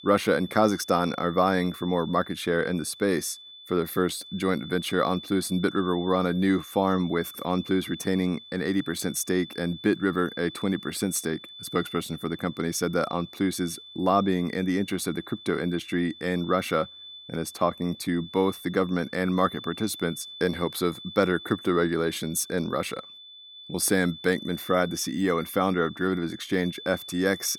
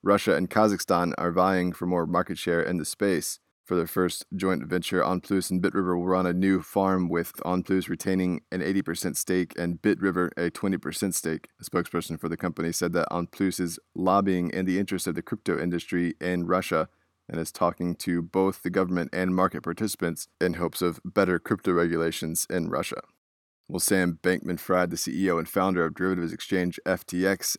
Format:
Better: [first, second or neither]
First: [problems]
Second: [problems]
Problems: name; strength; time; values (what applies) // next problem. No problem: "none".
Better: second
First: high-pitched whine; noticeable; throughout; 3.5 kHz, 15 dB below the speech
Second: none